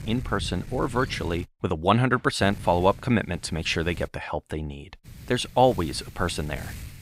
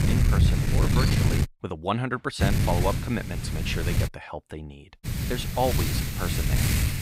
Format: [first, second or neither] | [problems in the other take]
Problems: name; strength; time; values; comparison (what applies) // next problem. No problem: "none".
first | wind noise on the microphone; heavy; until 1.5 s, from 2.5 to 4 s and from 5 s on; 2 dB below the speech; occasional gusts in the first